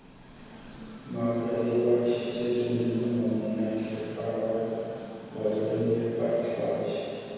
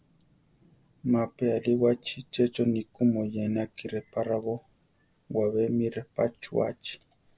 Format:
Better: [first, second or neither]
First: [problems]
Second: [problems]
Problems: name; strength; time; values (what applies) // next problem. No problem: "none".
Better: second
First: background sound (Train); 15 dB below the speech // room echo; dies away in 2.2 s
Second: none